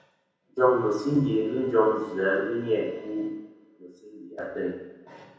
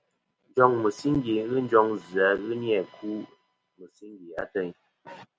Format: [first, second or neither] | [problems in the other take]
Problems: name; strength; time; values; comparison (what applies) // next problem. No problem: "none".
second | room echo; dies away in 0.9 s